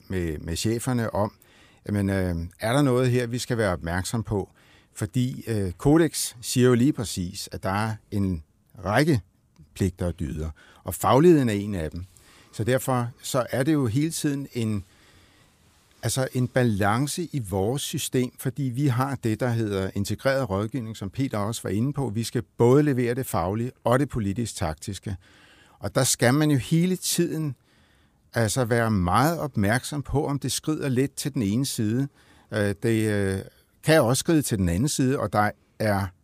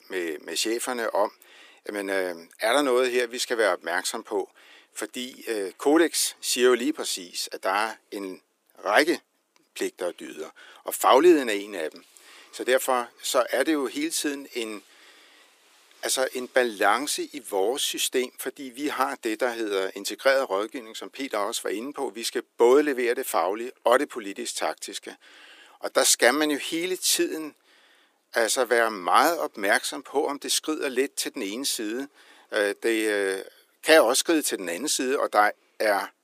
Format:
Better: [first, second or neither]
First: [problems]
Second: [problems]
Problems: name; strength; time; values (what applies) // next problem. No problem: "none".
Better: first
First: none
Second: thin; very; fading below 350 Hz